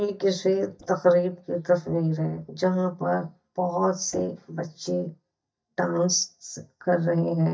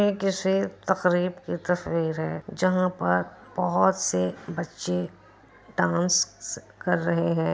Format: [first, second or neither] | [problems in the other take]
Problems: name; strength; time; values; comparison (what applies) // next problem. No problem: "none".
second | noise reduction (neural mask model DeepFilterNet 3)